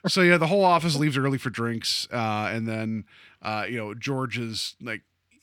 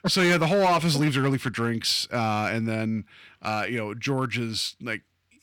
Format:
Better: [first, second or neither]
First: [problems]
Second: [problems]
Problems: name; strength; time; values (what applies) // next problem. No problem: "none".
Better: first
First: none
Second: distortion; slight; 6% of the sound clipped